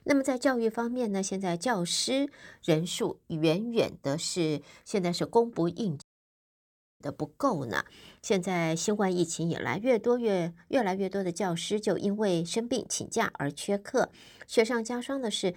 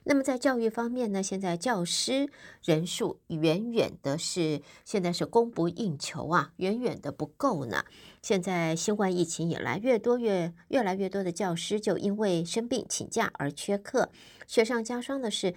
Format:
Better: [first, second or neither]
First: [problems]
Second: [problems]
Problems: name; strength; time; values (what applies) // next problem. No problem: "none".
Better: second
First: audio cutting out; at 6 s for 1 s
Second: none